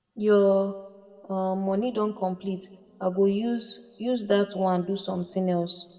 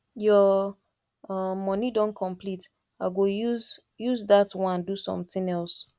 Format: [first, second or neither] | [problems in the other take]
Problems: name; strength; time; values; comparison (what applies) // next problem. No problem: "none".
second | room echo; dies away in 1.2 s